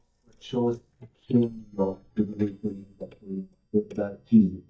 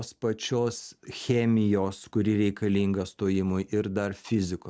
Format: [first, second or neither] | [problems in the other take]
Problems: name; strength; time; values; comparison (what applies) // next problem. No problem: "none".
second | noise reduction (neural mask model DeepFilterNet 3)